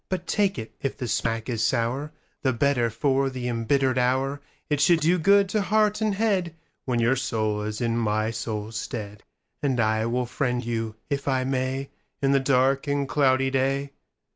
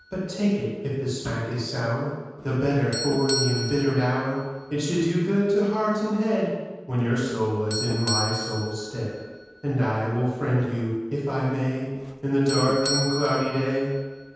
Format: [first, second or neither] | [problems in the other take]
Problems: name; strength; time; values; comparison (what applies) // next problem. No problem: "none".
first | background sound (Doorbell); 11 dB below the speech // room echo; dies away in 1.2 s